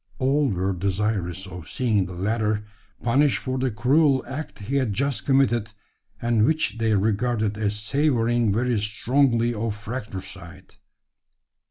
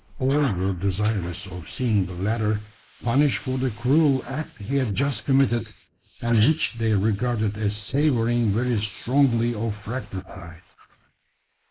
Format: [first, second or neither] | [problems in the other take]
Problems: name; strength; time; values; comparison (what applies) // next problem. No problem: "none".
first | noise reduction (neural mask model Resemble Enhance denoiser)